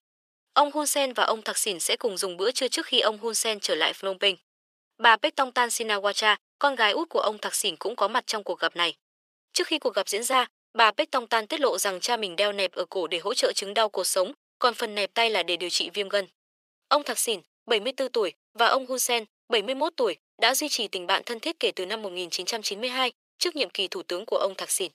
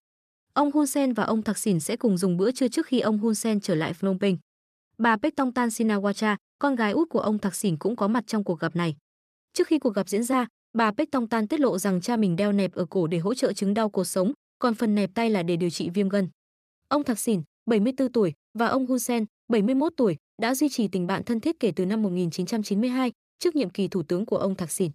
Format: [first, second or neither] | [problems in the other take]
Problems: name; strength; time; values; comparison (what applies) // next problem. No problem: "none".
second | thin; very; fading below 500 Hz